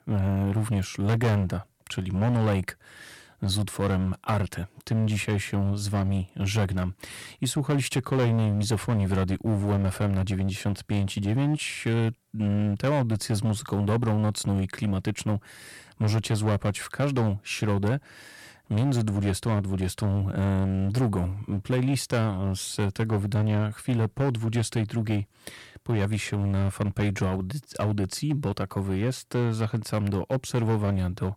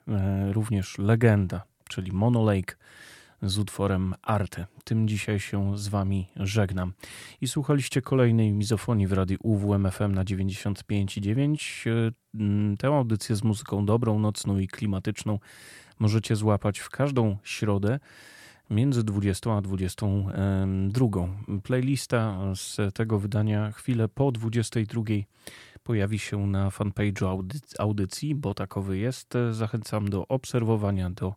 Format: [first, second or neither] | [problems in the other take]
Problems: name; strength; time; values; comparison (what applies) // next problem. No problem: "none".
second | distortion; slight; 10% of the sound clipped